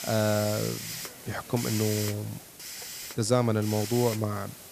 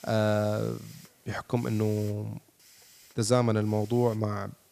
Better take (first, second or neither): second